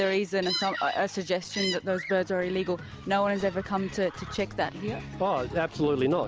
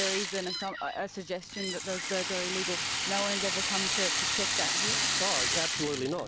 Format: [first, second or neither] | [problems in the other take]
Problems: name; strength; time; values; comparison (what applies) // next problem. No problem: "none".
first | background sound (Rattle (instrument)); 3 dB above the speech